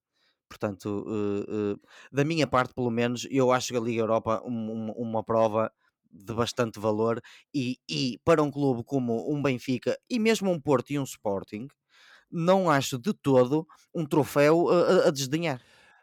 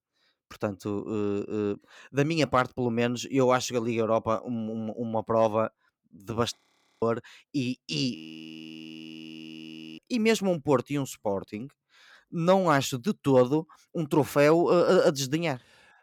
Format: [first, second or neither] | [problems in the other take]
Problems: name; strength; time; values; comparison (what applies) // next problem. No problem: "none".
first | audio freezing; at 6.5 s and at 8 s for 2 s